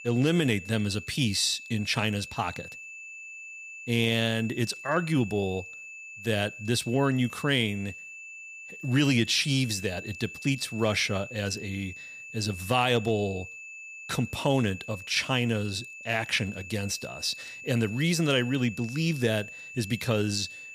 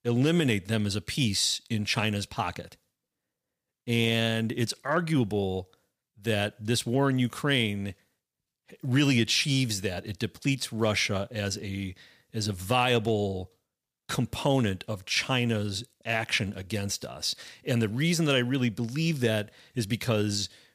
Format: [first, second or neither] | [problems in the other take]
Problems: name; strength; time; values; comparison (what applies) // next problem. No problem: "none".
second | high-pitched whine; noticeable; throughout; 2.5 kHz, 15 dB below the speech